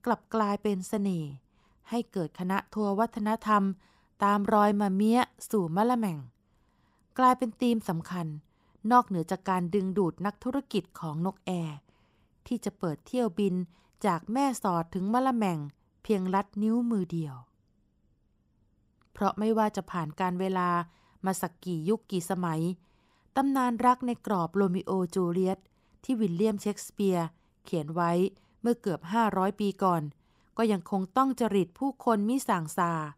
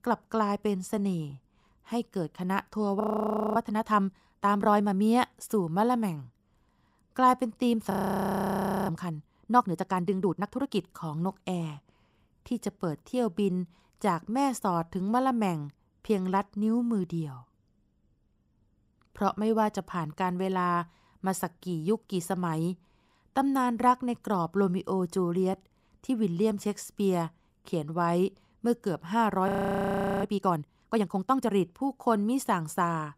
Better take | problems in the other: first | audio freezing; at 3 s for 0.5 s, at 8 s for 1 s and at 29 s for 1 s

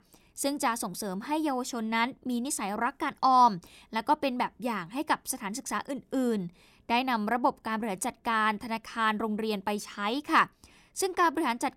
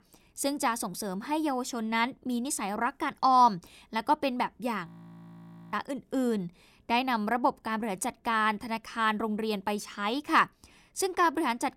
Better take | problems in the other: first | audio freezing; at 5 s for 1 s

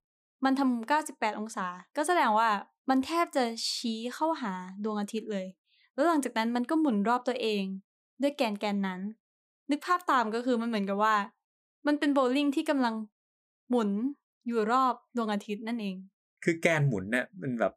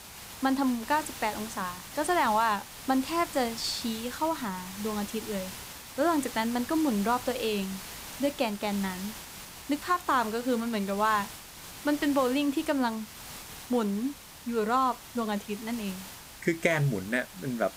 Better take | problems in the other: first | hiss; noticeable; throughout; 10 dB below the speech

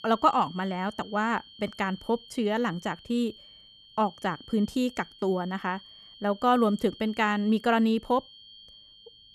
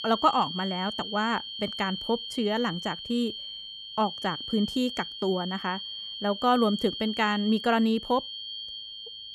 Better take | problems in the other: first | high-pitched whine; loud; throughout; 3 kHz, 7 dB below the speech; faint in the first

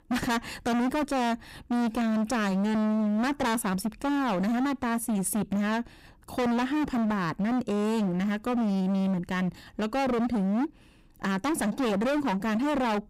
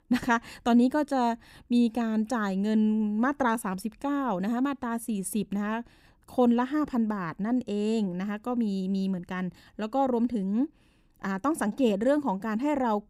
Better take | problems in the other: second | distortion; heavy; 37% of the sound clipped

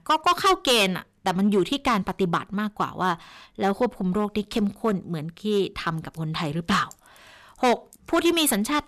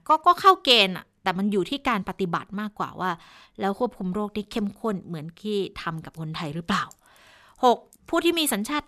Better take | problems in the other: second | distortion; heavy; 5% of the sound clipped

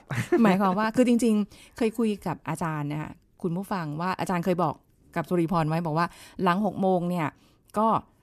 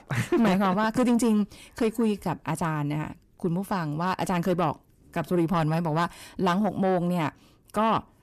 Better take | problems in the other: first | distortion; slight; 10 dB below the speech

